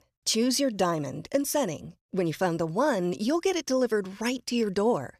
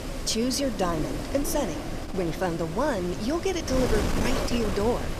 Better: first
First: none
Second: wind noise on the microphone; heavy; 5 dB below the speech

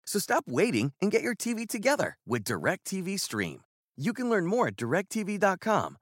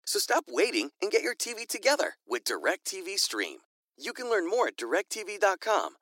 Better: first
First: none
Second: thin; very; fading below 300 Hz

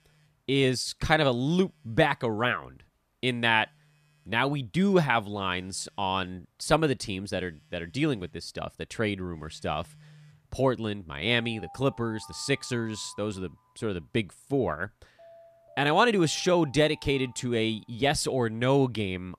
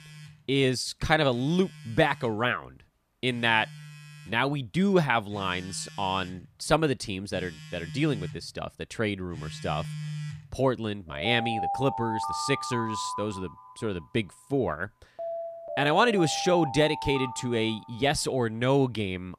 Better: first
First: alarms or sirens; faint; throughout; 25 dB below the speech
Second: alarms or sirens; loud; throughout; 9 dB below the speech

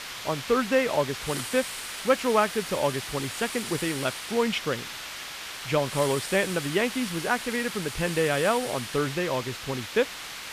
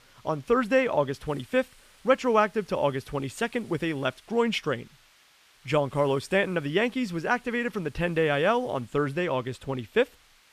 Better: second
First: hiss; loud; throughout; 7 dB below the speech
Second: hiss; faint; throughout; 30 dB below the speech

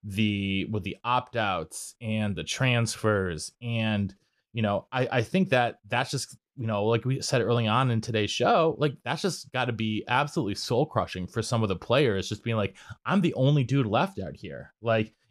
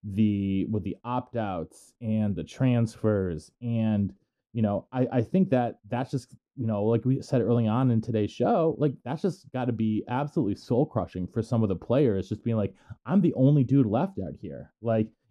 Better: first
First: none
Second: muffled; slightly; fading above 1 kHz

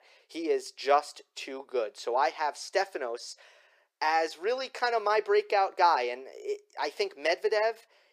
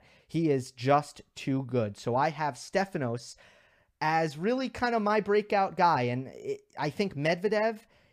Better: second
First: thin; very; fading below 350 Hz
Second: none

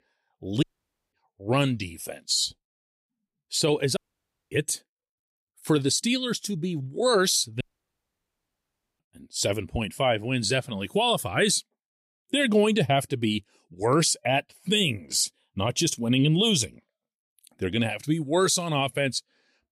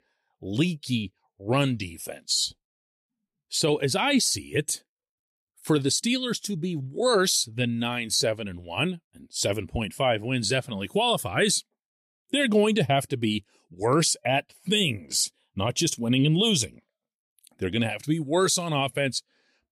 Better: second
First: audio cutting out; at 0.5 s, at 4 s for 0.5 s and at 7.5 s for 1.5 s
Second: none

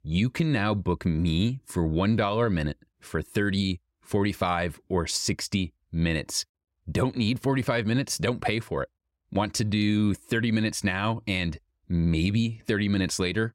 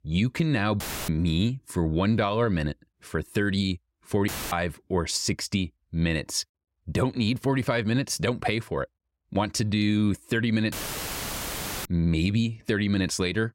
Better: first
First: none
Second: audio cutting out; filled with static; at 1 s, at 4.5 s and at 11 s for 1 s

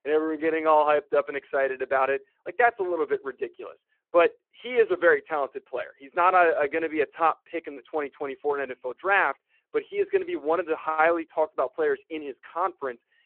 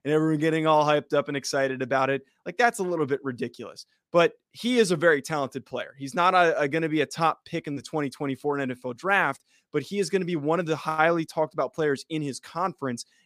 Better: second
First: phone-call audio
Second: none

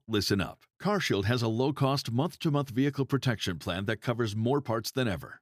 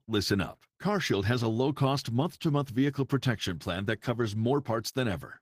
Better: first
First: none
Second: garbled, watery; slightly; nothing above 15 kHz

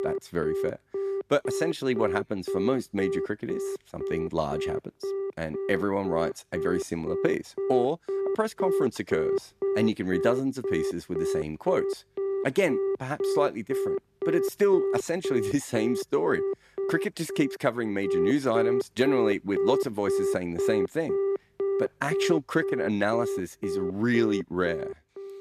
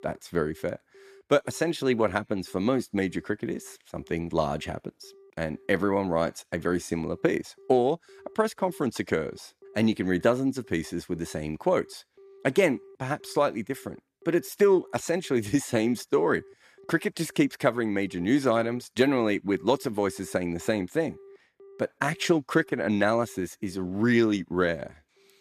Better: second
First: alarms or sirens; loud; throughout; 2 dB below the speech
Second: alarms or sirens; faint; throughout; 25 dB below the speech

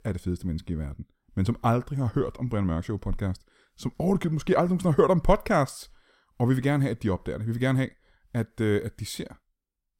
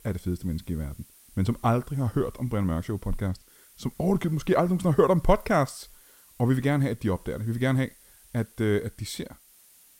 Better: first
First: none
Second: hiss; faint; throughout; 25 dB below the speech

